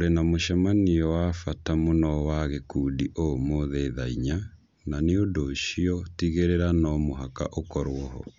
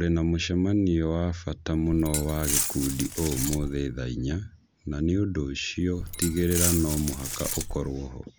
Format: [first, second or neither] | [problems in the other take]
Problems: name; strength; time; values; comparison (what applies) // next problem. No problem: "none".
first | background sound (Glass); 5 dB below the speech